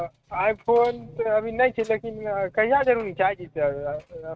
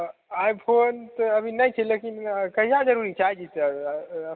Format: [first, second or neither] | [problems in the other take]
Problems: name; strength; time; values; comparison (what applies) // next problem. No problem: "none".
second | noise reduction (neural mask model RNNoise)